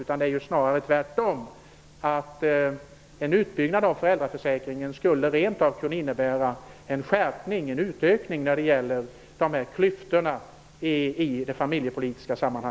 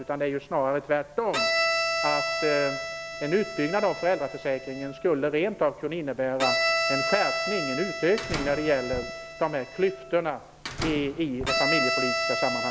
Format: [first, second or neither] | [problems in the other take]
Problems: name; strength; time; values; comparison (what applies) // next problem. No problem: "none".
first | background sound (Bowed string instrument + Slam); 2 dB below the speech